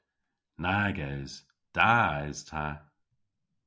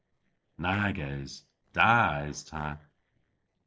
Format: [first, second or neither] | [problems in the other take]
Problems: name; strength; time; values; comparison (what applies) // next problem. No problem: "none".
first | noise reduction (neural separator model SepFormer DNS4)